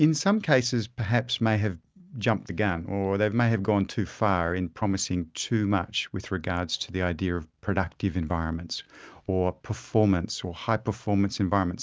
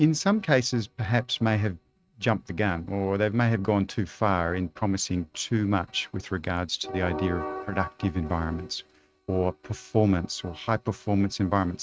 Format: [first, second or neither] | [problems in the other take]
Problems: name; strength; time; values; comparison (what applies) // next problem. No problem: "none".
first | noise reduction (neural mask model RNNoise)